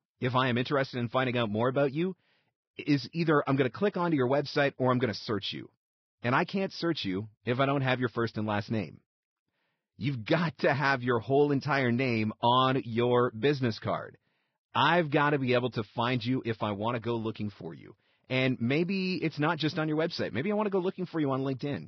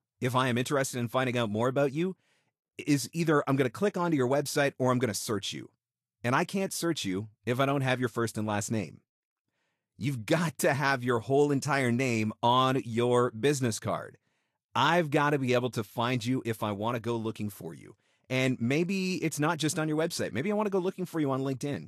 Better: second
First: garbled, watery; badly; nothing above 5.5 kHz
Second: garbled, watery; slightly; nothing above 13 kHz

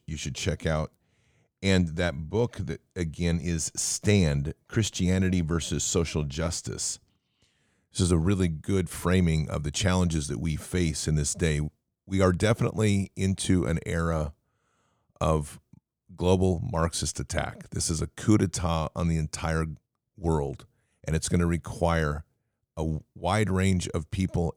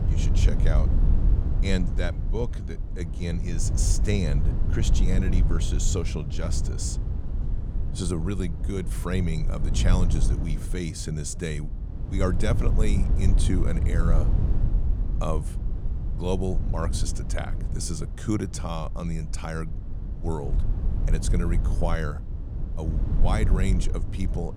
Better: first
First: none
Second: low rumble; loud; throughout; 8 dB below the speech

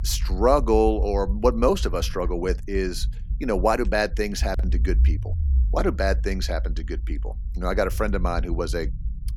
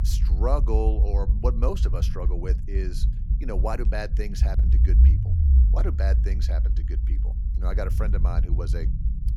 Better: first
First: low rumble; faint; throughout; 25 dB below the speech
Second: low rumble; loud; throughout; 8 dB below the speech

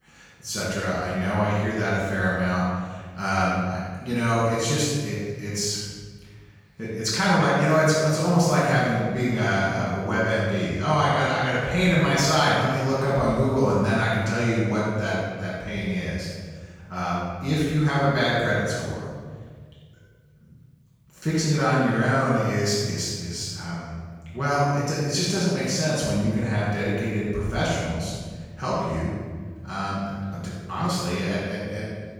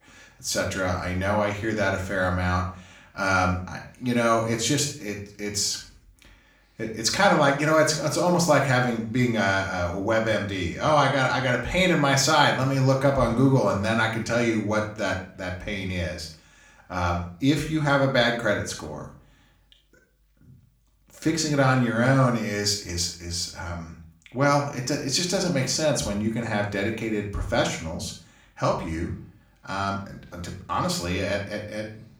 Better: second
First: room echo; strong; dies away in 1.6 s // off-mic speech; far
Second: room echo; slight; dies away in 0.4 s // off-mic speech; somewhat distant

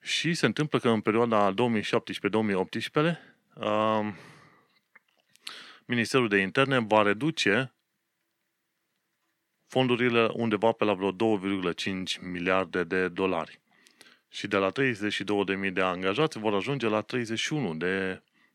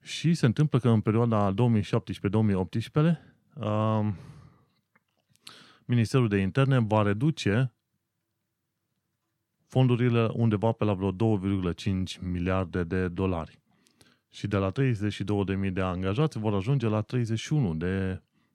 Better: second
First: thin; somewhat; fading below 300 Hz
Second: none

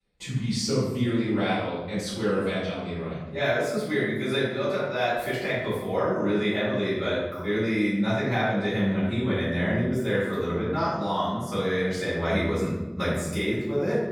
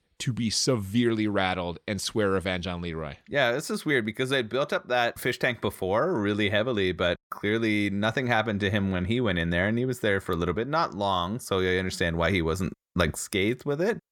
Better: second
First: off-mic speech; far // room echo; strong; dies away in 1.1 s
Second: none

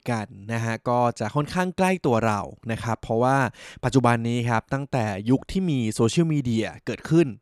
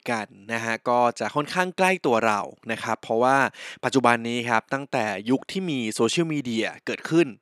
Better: first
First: none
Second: thin; very slightly; fading below 250 Hz

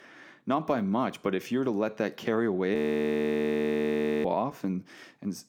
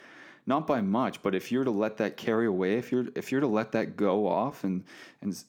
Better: second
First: audio freezing; at 3 s for 1.5 s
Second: none

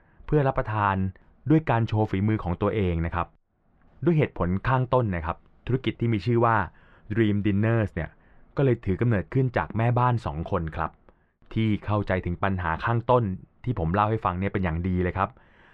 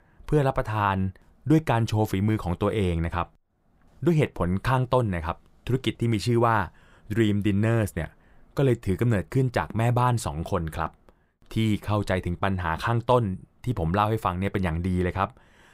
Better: second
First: muffled; slightly; fading above 2.5 kHz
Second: none

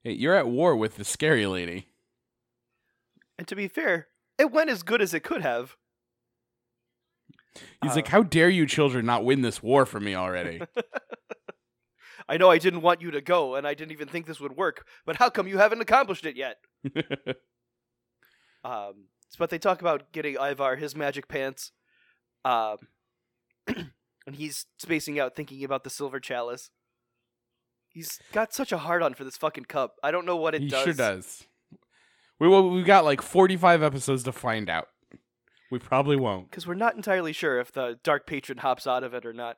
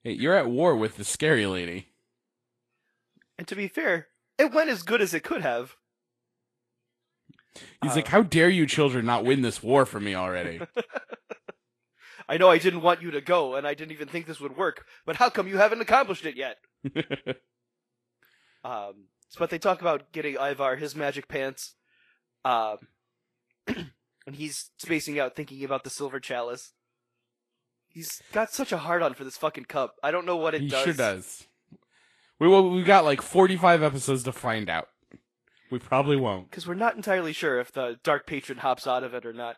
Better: first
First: none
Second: garbled, watery; slightly; nothing above 13 kHz

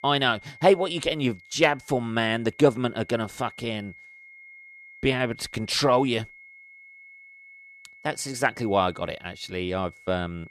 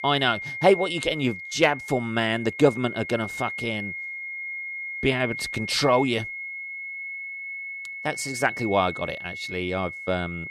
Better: first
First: high-pitched whine; faint; throughout; 2 kHz, 20 dB below the speech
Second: high-pitched whine; loud; throughout; 2 kHz, 7 dB below the speech

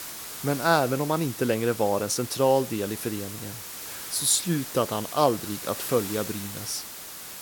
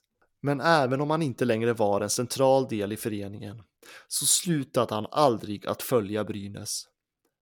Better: second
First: hiss; loud; throughout; 9 dB below the speech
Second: none

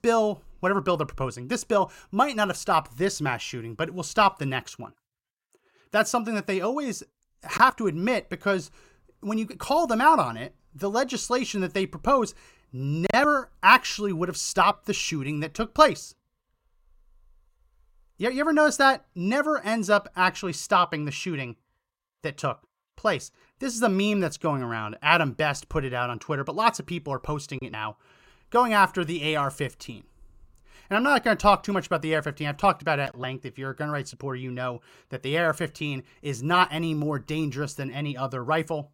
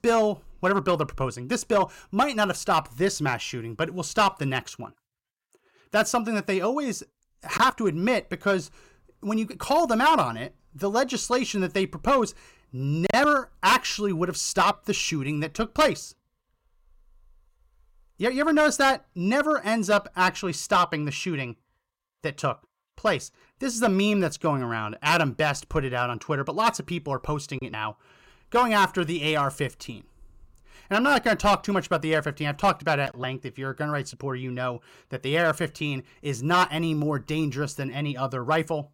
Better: first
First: none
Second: distortion; slight; 2% of the sound clipped

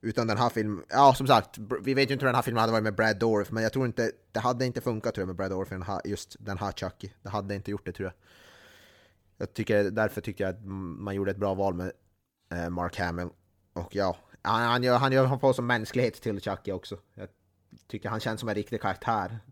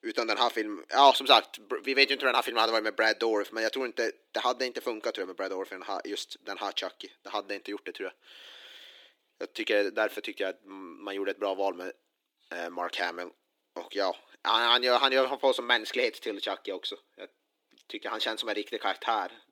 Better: first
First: none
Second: thin; somewhat; fading below 300 Hz

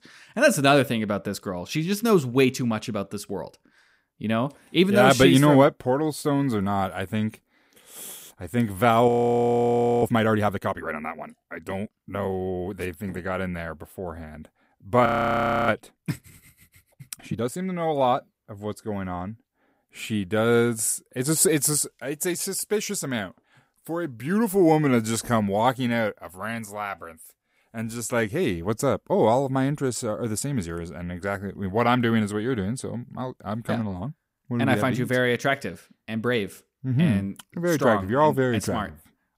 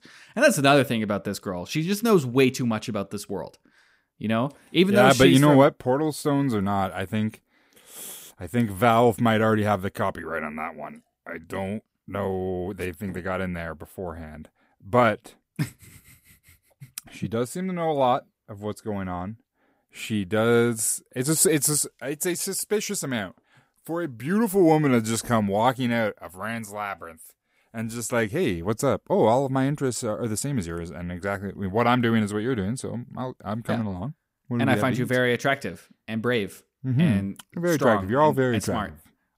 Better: second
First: audio freezing; at 9 s for 1 s and at 15 s for 0.5 s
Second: none

